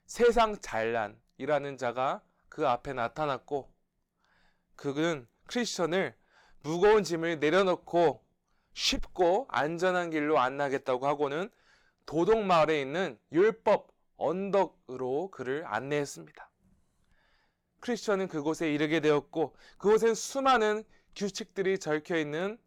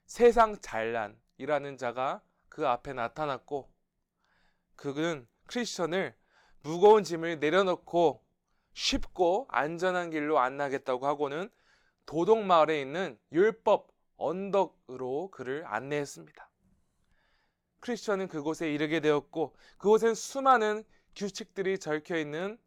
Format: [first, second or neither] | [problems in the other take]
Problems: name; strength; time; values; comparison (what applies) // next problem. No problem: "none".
second | distortion; slight; 10 dB below the speech